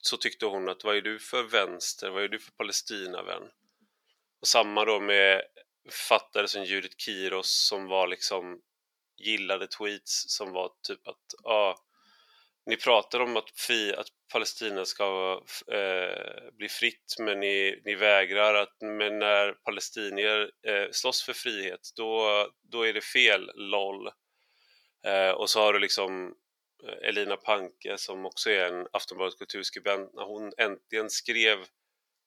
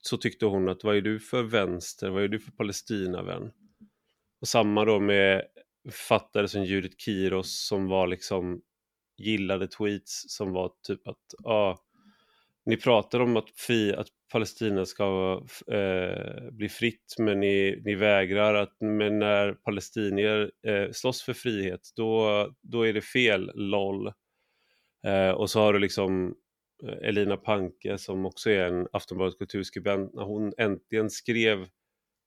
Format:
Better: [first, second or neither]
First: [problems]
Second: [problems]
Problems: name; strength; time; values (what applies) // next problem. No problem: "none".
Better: second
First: thin; very; fading below 650 Hz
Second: none